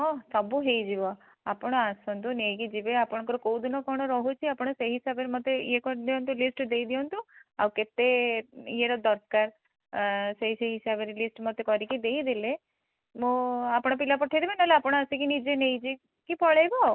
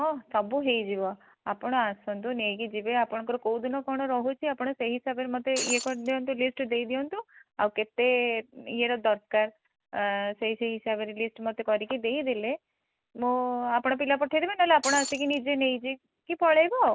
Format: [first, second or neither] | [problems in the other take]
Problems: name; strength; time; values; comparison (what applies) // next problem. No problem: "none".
first | background sound (Shatter); 5 dB below the speech